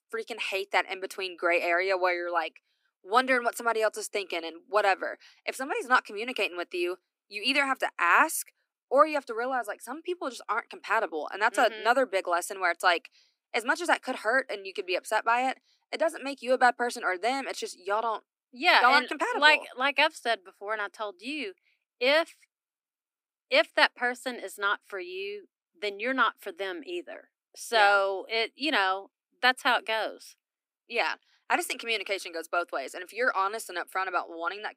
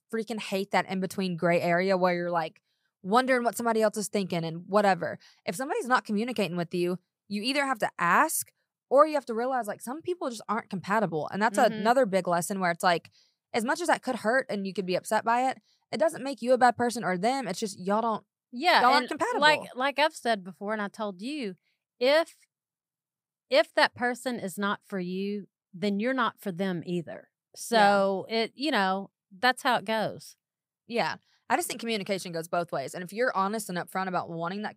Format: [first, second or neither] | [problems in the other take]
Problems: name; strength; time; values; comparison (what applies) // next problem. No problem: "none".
second | thin; somewhat; fading below 250 Hz